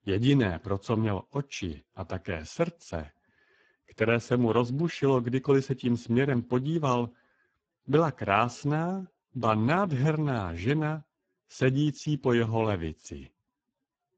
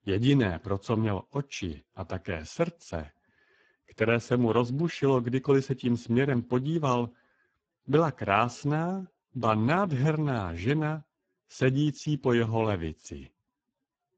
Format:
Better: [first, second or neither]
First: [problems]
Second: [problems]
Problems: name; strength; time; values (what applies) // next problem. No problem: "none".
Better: neither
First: garbled, watery; badly; nothing above 7.5 kHz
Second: garbled, watery; badly; nothing above 7.5 kHz